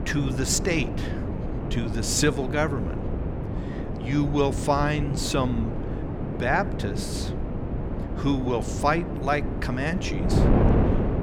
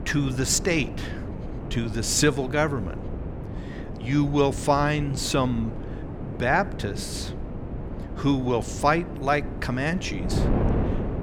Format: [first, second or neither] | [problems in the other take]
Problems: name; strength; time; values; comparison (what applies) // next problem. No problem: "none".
second | wind noise on the microphone; heavy; 7 dB below the speech; occasional gusts in the second